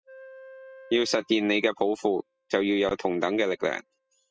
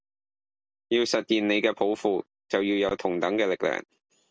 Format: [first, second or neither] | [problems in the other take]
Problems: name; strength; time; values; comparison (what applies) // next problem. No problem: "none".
second | noise reduction (classical method spectral subtraction)